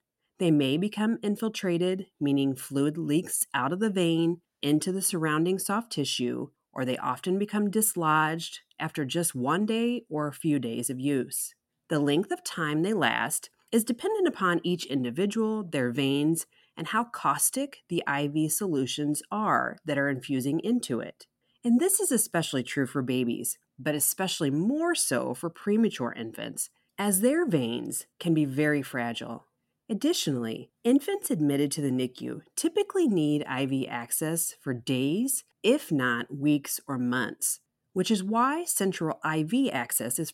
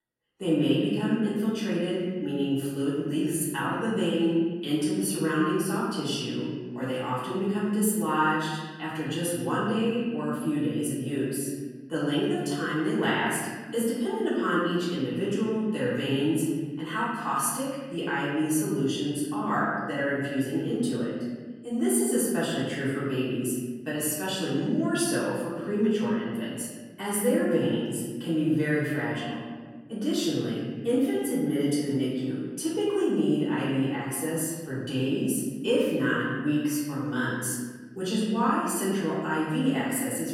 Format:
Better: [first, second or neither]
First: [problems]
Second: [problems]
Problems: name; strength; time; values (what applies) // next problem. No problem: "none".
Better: first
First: none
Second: room echo; noticeable; dies away in 1.5 s // off-mic speech; far